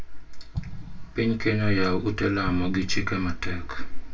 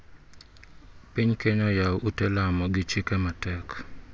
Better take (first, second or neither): second